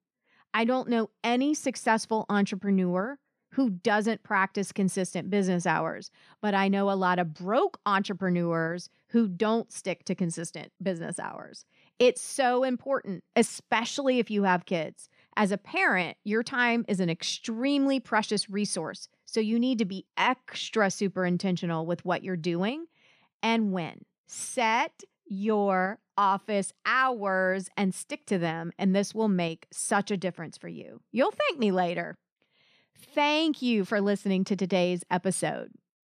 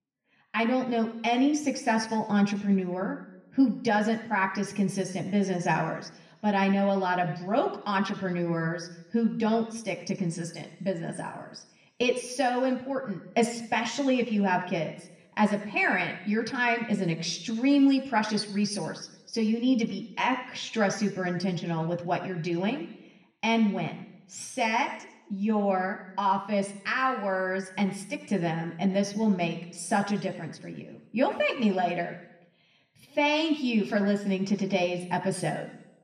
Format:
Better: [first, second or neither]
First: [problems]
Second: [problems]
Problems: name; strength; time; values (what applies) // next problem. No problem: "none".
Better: first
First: none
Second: room echo; slight; dies away in 0.8 s // off-mic speech; somewhat distant